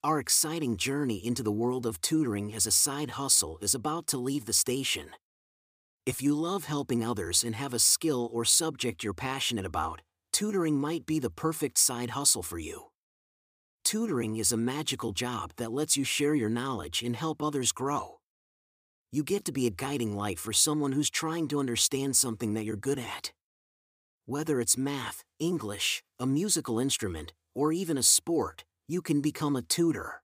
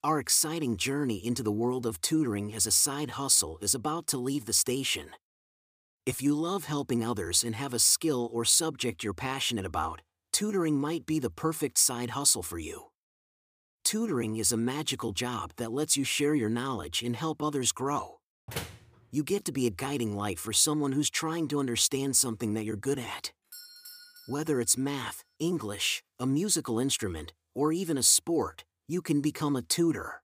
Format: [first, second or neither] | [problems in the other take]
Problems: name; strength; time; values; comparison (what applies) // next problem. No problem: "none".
first | door banging; faint; at 18 s; peak 10 dB below the speech // doorbell; faint; from 24 to 25 s; peak 15 dB below the speech